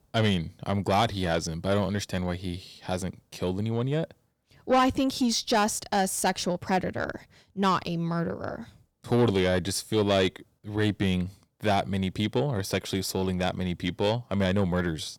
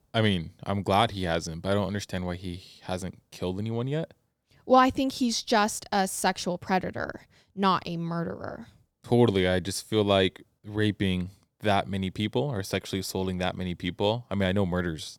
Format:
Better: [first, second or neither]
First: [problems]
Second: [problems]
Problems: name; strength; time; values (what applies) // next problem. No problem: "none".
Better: second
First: distortion; slight; 10 dB below the speech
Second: none